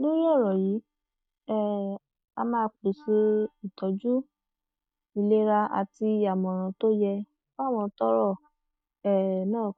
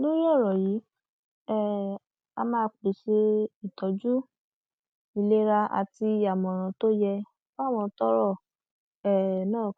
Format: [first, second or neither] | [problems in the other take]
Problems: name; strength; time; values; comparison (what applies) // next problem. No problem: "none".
second | noise reduction (neural mask model DeepFilterNet 3)